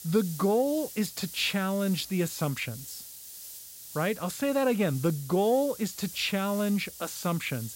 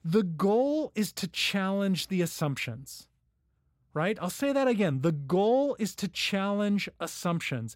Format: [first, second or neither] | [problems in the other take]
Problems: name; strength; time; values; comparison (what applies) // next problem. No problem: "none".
second | hiss; noticeable; throughout; 15 dB below the speech